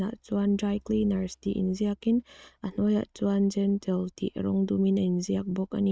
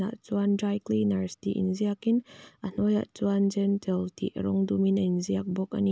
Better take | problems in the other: second | noise reduction (neural mask model RNNoise)

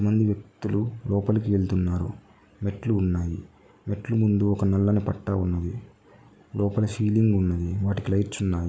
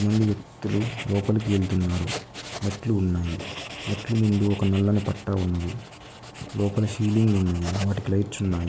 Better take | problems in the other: first | background sound (Writing); 14 dB below the speech

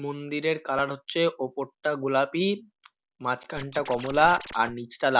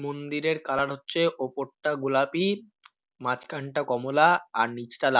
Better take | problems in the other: second | background sound (Scratching (performance technique)); 14 dB below the speech

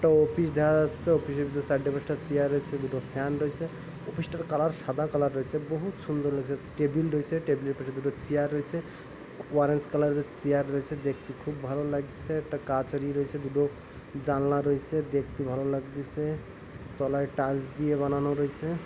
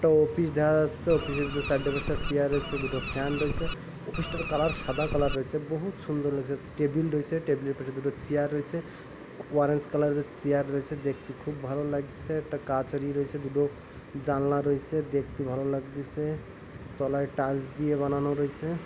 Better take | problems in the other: first | background sound (Bird); 5 dB below the speech

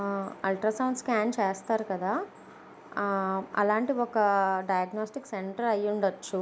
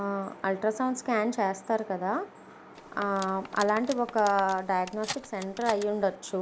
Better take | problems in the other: first | background sound (Cutlery, silverware); 14 dB below the speech

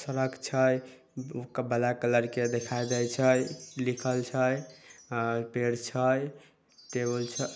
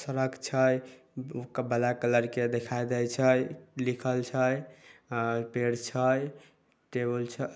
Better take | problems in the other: second | background sound (Wind chime); 19 dB below the speech

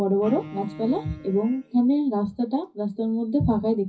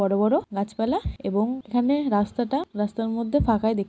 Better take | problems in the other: second | noise reduction (classical method WPE with log-MMSE)

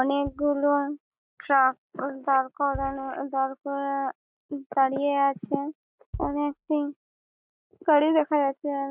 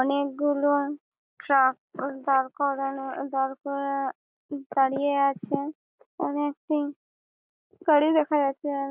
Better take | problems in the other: second | noise reduction (neural mask model RNNoise)

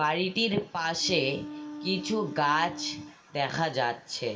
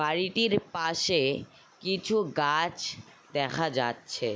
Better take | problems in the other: second | background sound (Wind instrument, woodwind instrument); 12 dB below the speech // room echo; dies away in 0.5 s

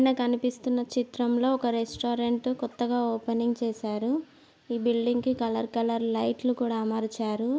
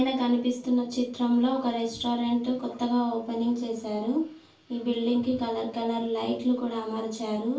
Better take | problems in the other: first | room echo; dies away in 0.3 s

